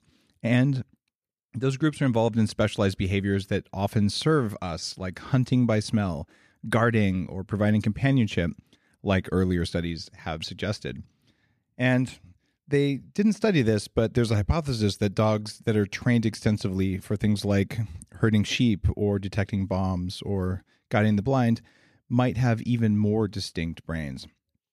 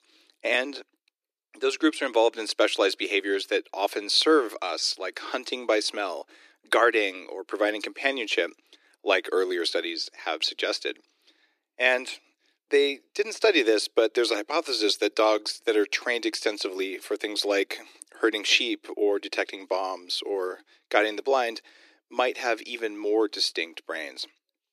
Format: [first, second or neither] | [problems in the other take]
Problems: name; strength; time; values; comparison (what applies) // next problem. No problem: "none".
first | thin; very; fading below 300 Hz